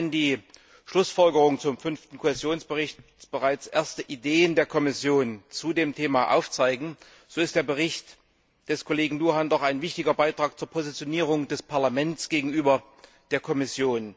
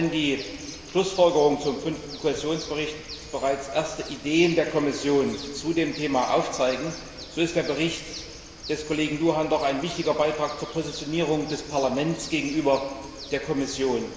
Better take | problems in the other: first | background sound (Bird); 16 dB below the speech // room echo; dies away in 2.9 s

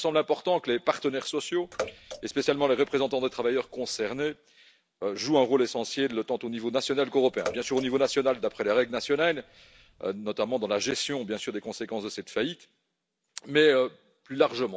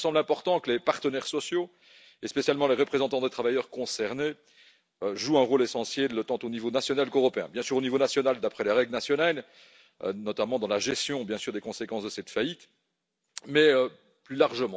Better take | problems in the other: second | background sound (Bathtub (filling or washing) / Water / Splash, splatter); 15 dB below the speech

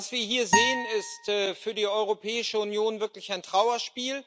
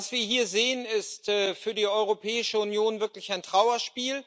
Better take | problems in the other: second | background sound (Acoustic guitar); 1 dB below the speech

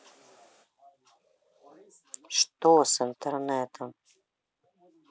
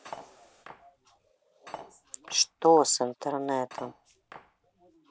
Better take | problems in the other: first | background sound (Cutlery, silverware); 18 dB below the speech

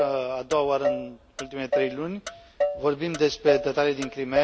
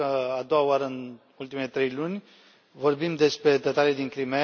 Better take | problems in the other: second | background sound (Motor vehicle (road)); 3 dB below the speech

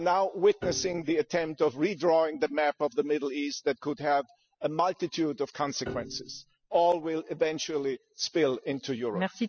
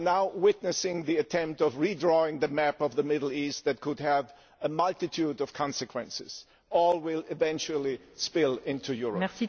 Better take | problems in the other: second | noise reduction (classical method spectral subtraction)

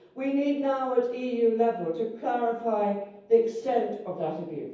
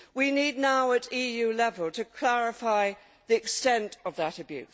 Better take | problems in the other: second | room echo; dies away in 0.9 s

